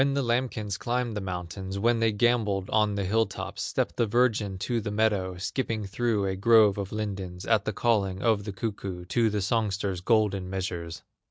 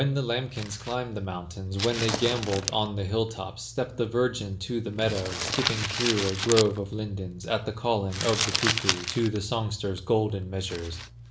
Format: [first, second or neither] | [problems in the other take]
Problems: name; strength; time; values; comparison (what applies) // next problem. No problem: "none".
first | background sound (Crumpling, crinkling); 6 dB below the speech // room echo; dies away in 0.4 s